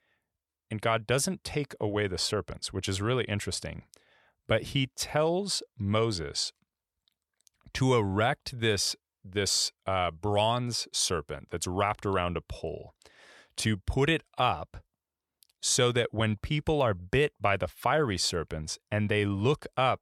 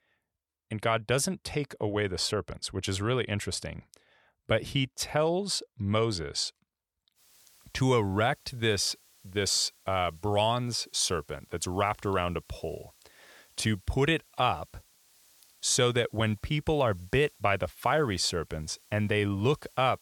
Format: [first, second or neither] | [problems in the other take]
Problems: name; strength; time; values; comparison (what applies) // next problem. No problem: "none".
first | hiss; faint; from 7 s on; 30 dB below the speech